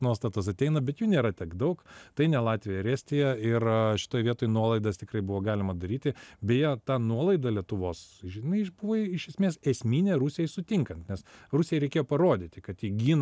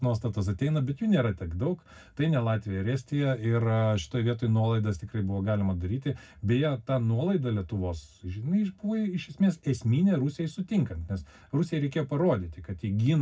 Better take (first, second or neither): first